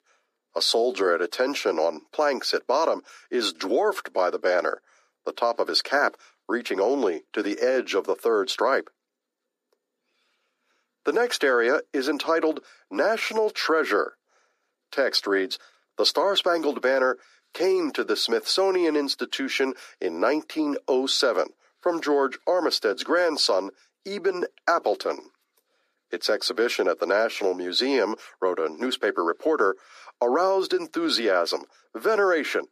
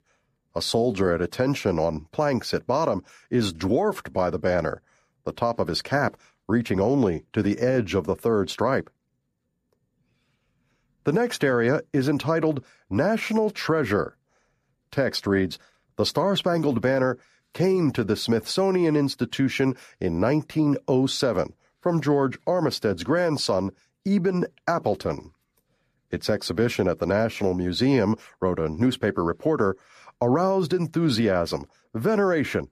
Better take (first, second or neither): second